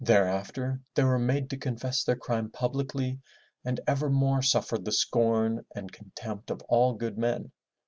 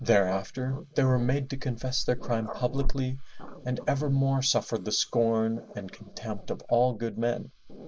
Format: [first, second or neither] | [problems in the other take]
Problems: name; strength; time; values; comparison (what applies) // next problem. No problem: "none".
first | noise reduction (neural mask model Resemble Enhance denoiser)